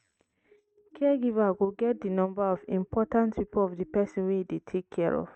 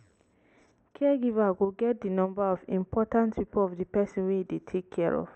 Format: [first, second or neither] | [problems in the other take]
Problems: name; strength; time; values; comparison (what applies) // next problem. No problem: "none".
second | noise reduction (neural mask model RNNoise)